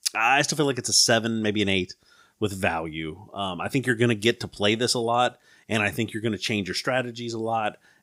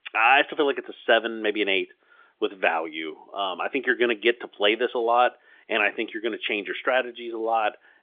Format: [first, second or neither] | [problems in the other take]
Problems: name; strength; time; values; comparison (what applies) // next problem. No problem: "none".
first | phone-call audio; nothing above 3.5 kHz